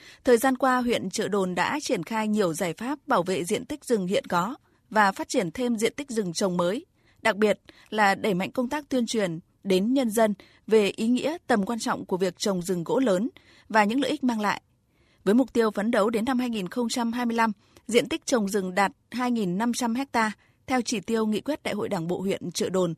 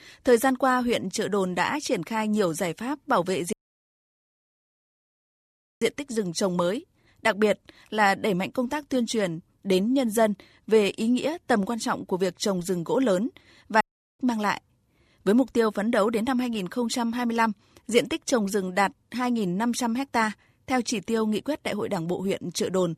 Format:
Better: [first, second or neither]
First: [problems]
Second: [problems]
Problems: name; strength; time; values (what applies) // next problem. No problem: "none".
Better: first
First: none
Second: audio cutting out; at 3.5 s for 2.5 s and at 14 s